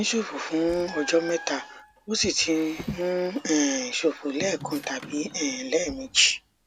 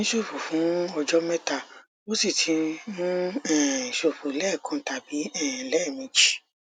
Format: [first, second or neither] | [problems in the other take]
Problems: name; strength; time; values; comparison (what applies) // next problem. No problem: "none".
second | background sound (Drawer open or close + Squeak); 17 dB below the speech